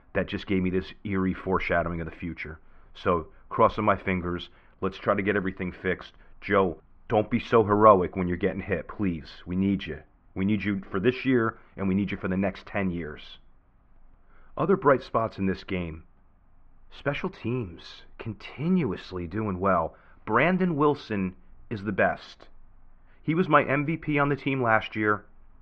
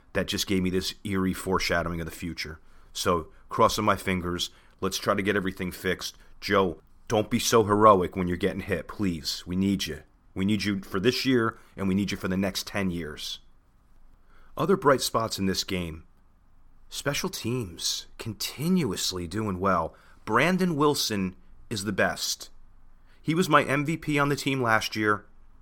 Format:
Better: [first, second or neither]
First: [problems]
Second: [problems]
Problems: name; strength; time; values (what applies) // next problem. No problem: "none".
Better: second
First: muffled; very; fading above 2.5 kHz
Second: none